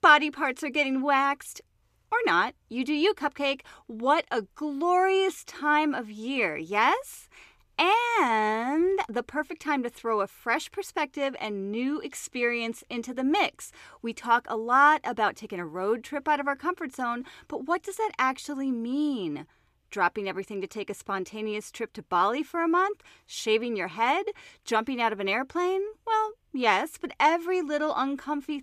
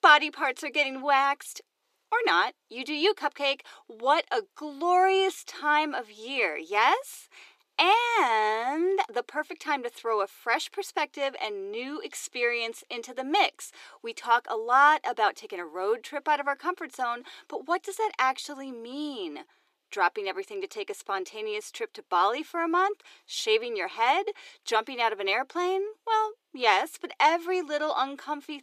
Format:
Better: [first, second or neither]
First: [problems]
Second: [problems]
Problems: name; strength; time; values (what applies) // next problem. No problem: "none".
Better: first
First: none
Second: thin; somewhat; fading below 350 Hz